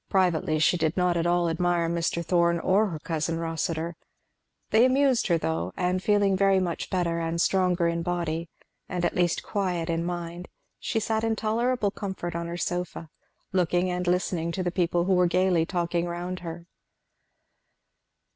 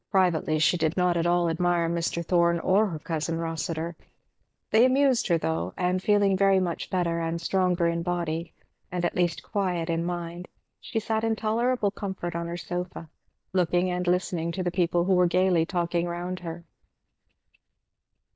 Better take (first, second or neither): first